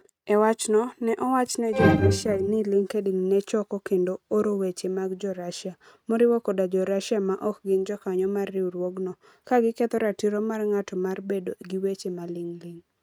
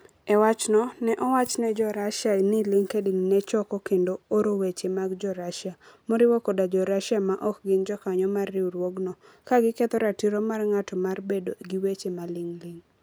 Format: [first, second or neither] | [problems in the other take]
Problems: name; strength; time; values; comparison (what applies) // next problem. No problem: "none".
second | noise reduction (neural mask model RNNoise)